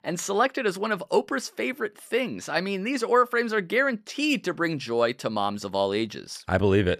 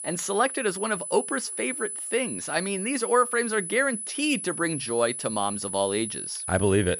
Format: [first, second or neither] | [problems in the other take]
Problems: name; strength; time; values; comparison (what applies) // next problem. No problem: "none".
first | high-pitched whine; loud; throughout; 10 kHz, 5 dB below the speech